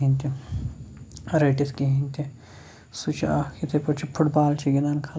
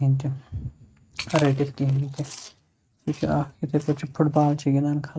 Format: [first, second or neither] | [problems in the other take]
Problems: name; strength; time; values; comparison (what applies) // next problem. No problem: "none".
first | noise reduction (neural mask model RNNoise)